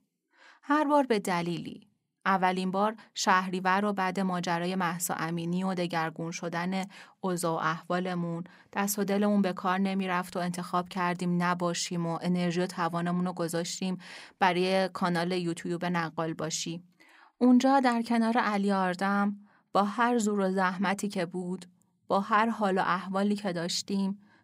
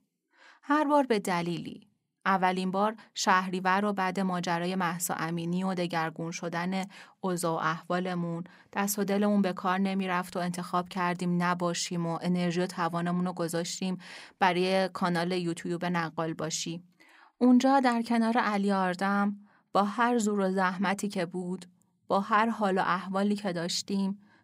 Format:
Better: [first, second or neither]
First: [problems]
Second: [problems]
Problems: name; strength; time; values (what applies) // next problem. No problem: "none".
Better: neither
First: none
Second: none